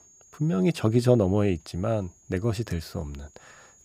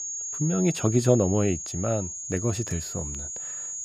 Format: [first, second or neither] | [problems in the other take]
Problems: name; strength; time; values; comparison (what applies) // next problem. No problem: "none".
first | high-pitched whine; loud; throughout; 6.5 kHz, 6 dB below the speech; faint in the first